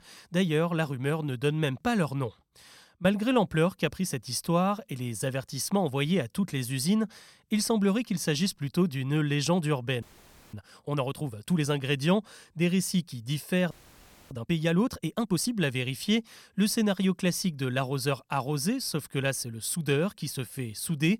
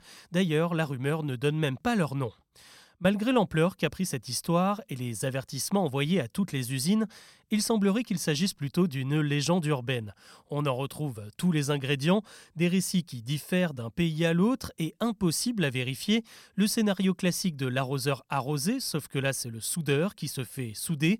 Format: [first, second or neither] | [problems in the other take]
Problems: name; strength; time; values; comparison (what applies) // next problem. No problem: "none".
second | audio freezing; at 10 s for 0.5 s and at 14 s for 0.5 s